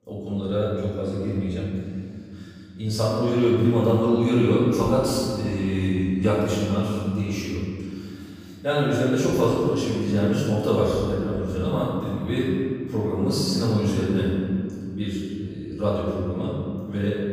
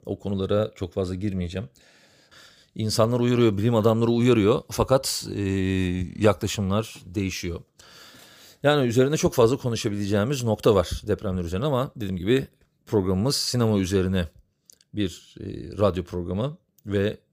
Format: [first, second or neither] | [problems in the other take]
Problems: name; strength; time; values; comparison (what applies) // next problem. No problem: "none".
second | off-mic speech; far // room echo; strong; dies away in 2.7 s